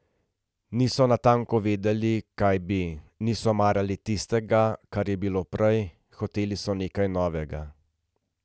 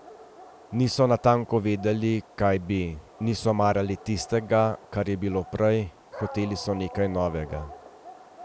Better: first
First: none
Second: background sound (Dog); 18 dB below the speech

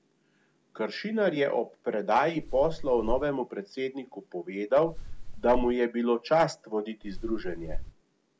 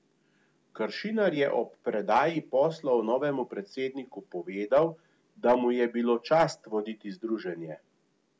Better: second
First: background sound (Wind); 4 dB below the speech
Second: none

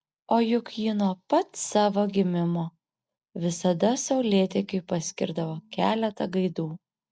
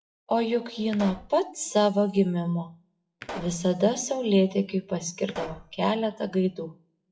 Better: first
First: none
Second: noise reduction (classical method WPE with log-MMSE)

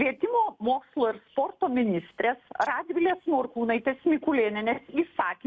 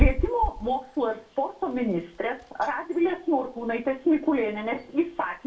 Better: first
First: none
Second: background sound (Wind / Bird); 5 dB below the speech // room echo; dies away in 0.2 s

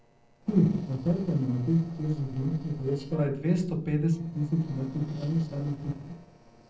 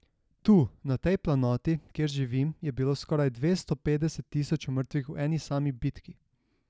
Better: second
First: noise reduction (neural separator model SepFormer DNS4)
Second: none

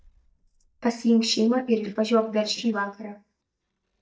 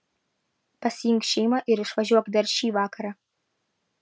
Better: second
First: noise reduction (neural mask model DeepFilterNet 3)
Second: none

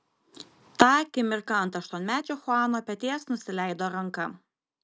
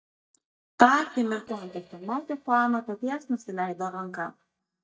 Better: first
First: none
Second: noise reduction (neural mask model DeepFilterNet 3)

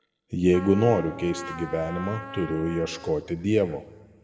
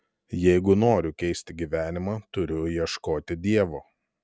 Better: second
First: background sound (Trumpet); 14 dB below the speech // room echo; dies away in 1.3 s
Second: none

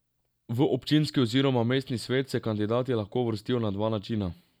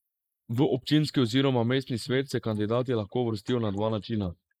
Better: first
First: none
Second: noise reduction (neural mask model Resemble Enhance denoiser)

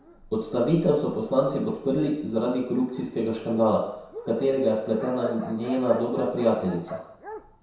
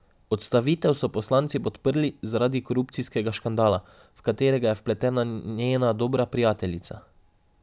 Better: second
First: background sound (Dog); 15 dB below the speech // room echo; dies away in 0.7 s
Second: none

